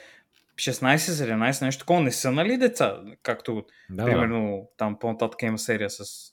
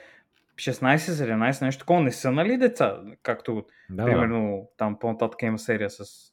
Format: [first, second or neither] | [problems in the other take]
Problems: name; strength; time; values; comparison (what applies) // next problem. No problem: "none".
first | muffled; slightly; fading above 3 kHz